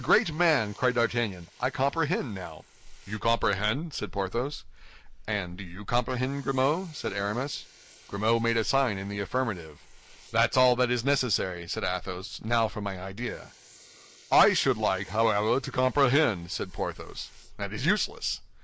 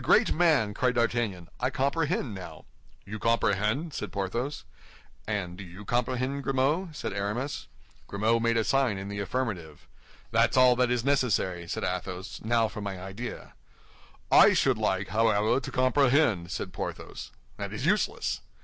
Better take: second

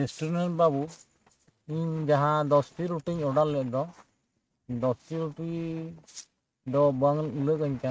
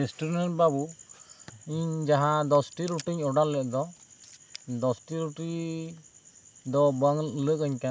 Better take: second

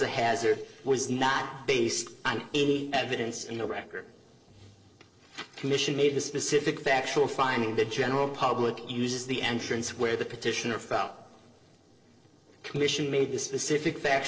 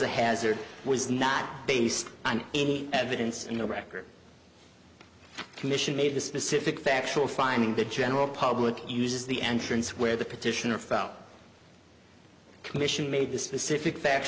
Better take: second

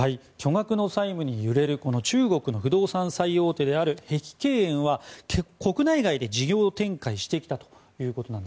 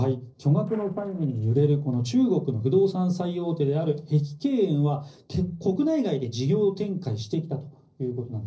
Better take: first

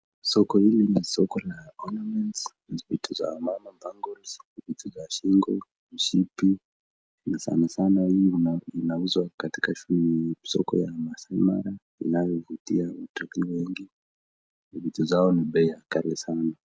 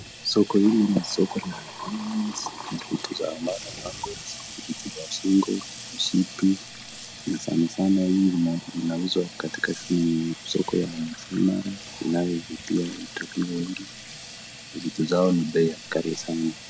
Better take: first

